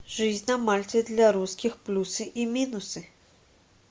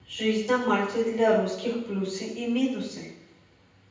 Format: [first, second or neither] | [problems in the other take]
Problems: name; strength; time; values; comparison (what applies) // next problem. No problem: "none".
first | room echo; dies away in 0.9 s